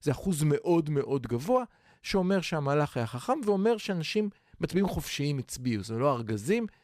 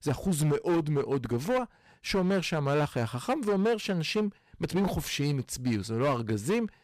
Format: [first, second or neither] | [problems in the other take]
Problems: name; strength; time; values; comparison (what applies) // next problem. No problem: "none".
first | distortion; slight; 11% of the sound clipped